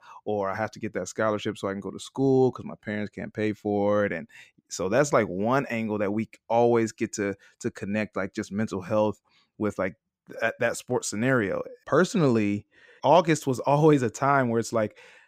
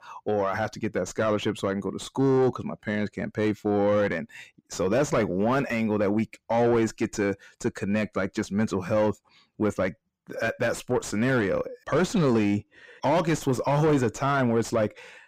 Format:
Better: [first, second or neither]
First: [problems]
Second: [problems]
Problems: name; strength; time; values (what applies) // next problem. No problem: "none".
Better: first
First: none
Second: distortion; heavy; 7 dB below the speech